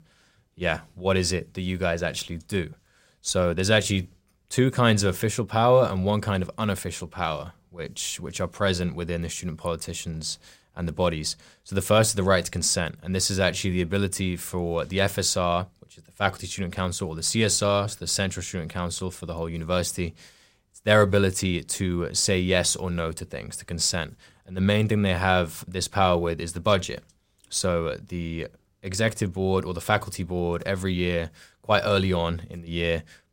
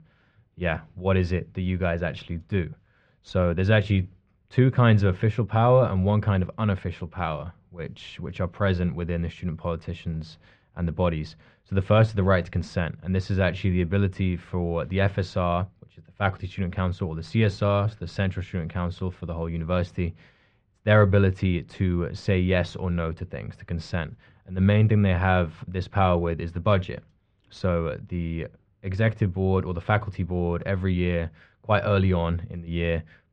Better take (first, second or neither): first